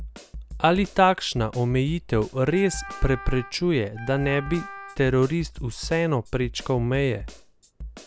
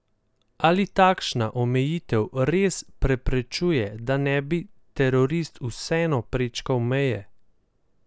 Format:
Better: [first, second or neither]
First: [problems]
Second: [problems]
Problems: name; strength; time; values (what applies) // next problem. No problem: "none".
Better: second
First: background sound (Snare drum + Wind instrument, woodwind instrument); 14 dB below the speech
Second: none